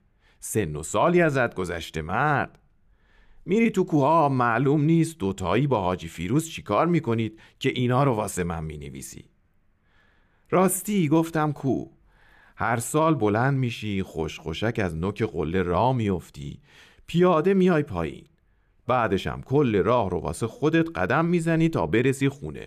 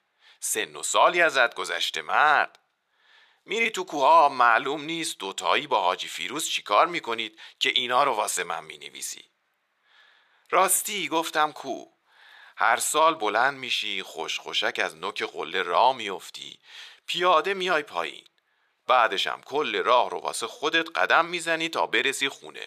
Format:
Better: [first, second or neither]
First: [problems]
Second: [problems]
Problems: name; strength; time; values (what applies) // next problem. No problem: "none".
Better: first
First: none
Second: thin; very; fading below 800 Hz